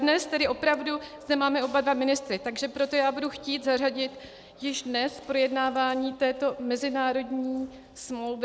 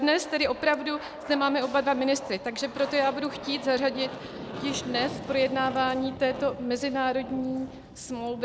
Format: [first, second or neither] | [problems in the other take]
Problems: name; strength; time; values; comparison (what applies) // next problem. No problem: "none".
first | background sound (Aircraft); 13 dB below the speech